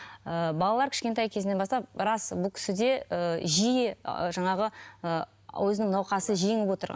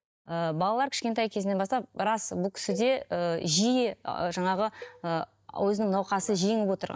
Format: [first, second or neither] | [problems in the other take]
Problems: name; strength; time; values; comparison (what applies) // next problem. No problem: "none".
first | noise reduction (neural mask model DeepFilterNet 3)